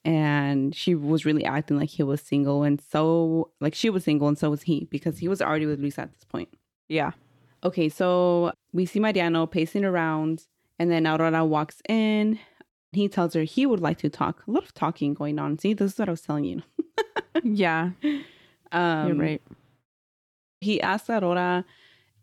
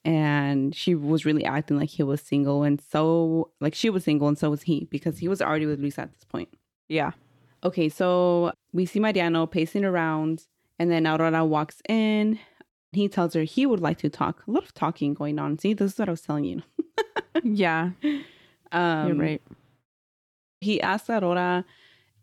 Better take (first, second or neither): neither